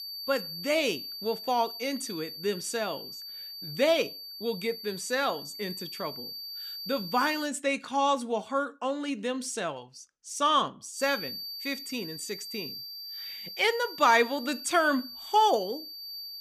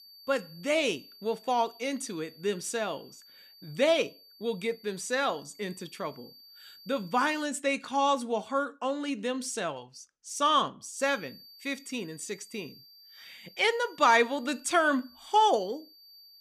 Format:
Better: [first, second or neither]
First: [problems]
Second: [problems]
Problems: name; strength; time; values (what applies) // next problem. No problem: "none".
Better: second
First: high-pitched whine; loud; until 7.5 s and from 11 s on; 4.5 kHz, 9 dB below the speech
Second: high-pitched whine; faint; until 7.5 s and from 11 s on; 4.5 kHz, 25 dB below the speech